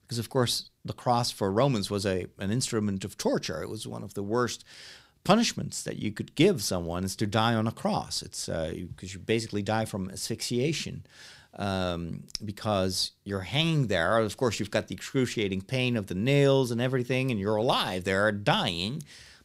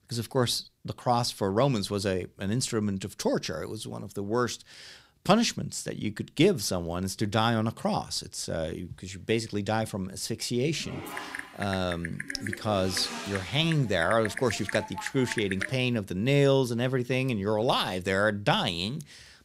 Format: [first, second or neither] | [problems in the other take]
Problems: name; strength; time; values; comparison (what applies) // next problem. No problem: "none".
first | keyboard typing; noticeable; from 11 to 16 s; peak 5 dB below the speech